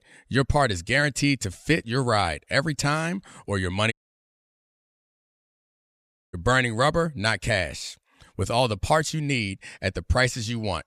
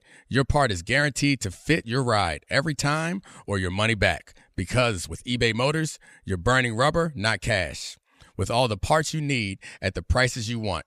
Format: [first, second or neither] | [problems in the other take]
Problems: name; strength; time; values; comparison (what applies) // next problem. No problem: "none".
second | audio cutting out; at 4 s for 2.5 s